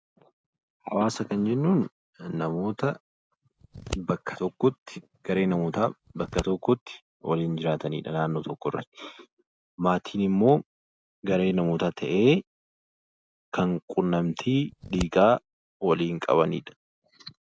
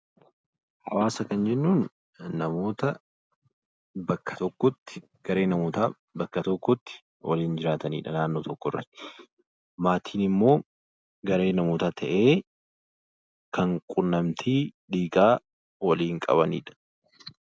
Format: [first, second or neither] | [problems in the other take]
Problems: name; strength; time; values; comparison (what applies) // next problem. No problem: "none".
second | background sound (Scissors); 12 dB below the speech